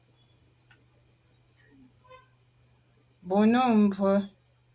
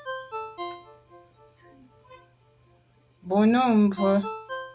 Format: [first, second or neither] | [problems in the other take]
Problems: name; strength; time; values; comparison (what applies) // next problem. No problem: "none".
first | background sound (Ringtone); 13 dB below the speech